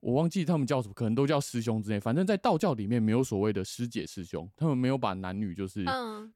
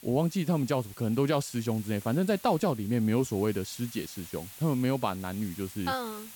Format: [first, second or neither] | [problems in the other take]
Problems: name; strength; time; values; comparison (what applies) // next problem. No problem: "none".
first | hiss; noticeable; throughout; 15 dB below the speech